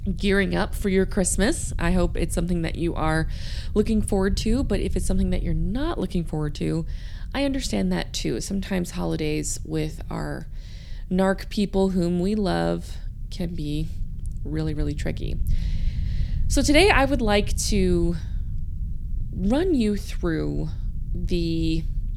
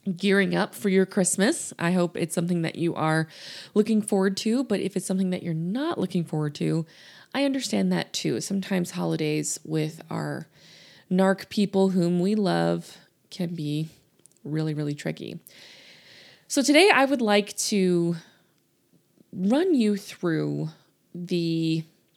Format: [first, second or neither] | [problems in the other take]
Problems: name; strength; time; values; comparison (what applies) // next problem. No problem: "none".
second | low rumble; faint; throughout; 25 dB below the speech